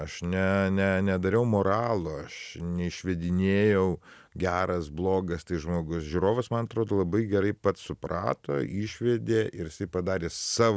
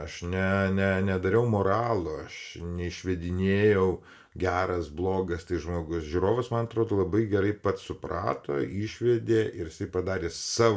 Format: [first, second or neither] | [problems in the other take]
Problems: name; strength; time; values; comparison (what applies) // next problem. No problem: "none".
first | room echo; dies away in 0.2 s